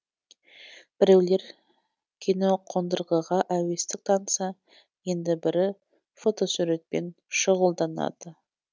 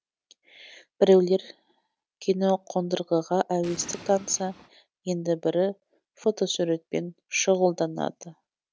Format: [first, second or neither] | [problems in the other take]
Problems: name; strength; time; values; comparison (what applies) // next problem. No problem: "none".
first | background sound (Explosion); 17 dB below the speech